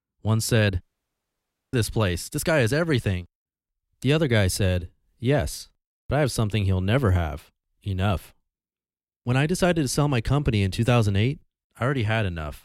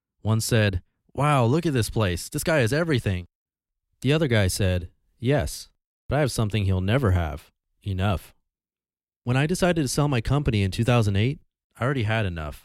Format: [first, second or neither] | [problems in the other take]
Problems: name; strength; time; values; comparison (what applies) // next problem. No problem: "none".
second | audio cutting out; at 1 s for 1 s